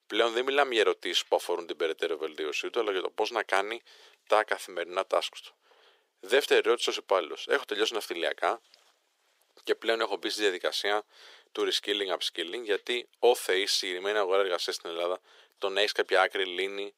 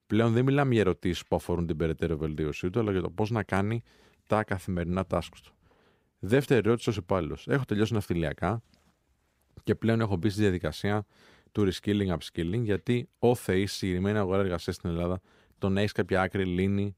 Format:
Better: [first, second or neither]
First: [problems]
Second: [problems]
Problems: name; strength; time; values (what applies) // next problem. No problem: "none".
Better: second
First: thin; very; fading below 400 Hz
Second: none